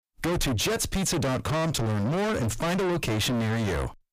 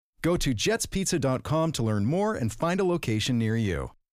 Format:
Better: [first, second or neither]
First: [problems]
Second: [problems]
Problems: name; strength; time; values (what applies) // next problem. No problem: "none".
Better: second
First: distortion; heavy; 6 dB below the speech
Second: none